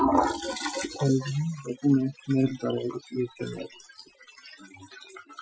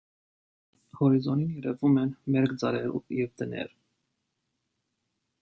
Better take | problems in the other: second | noise reduction (classical method Wiener filter)

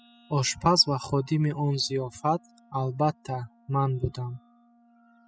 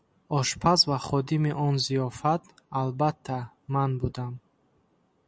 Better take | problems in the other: second | noise reduction (classical method spectral subtraction)

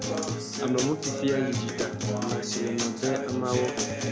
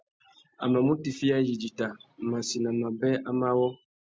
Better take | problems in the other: second | background sound (Acoustic guitar); as loud as the speech

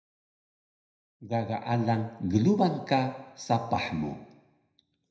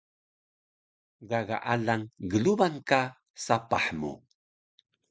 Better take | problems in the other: second | room echo; dies away in 0.7 s

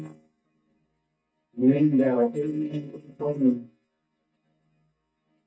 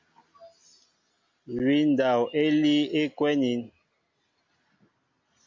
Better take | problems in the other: second | noise reduction (neural mask model DeepFilterNet 3)

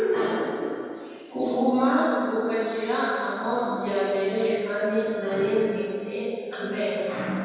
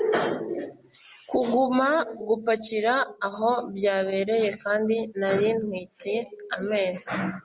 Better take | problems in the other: second | room echo; dies away in 2.1 s

